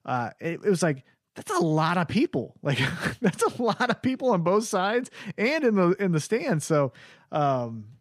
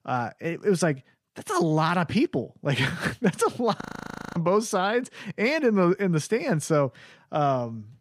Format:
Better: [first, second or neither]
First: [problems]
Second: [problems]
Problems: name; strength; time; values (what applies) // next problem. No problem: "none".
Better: first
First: none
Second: audio freezing; at 4 s for 0.5 s